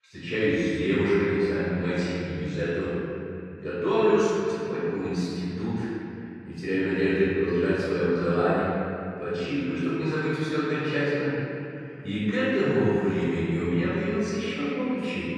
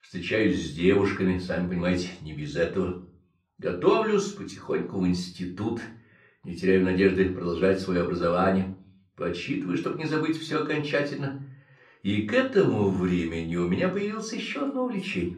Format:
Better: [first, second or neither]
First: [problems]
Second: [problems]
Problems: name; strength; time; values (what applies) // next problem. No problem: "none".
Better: second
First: room echo; strong; dies away in 2.7 s // off-mic speech; far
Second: room echo; slight; dies away in 0.3 s // off-mic speech; somewhat distant